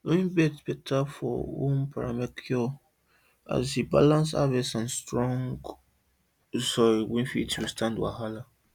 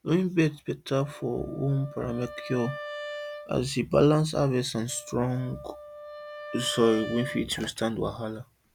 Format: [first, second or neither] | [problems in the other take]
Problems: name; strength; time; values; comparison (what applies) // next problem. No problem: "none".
first | background sound (Wind instrument, woodwind instrument); 14 dB below the speech